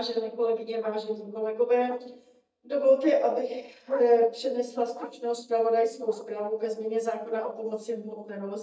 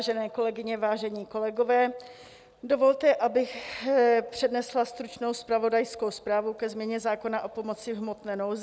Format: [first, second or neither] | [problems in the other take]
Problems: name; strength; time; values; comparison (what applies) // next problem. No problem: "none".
second | noise reduction (neural mask model DeepFilterNet 3)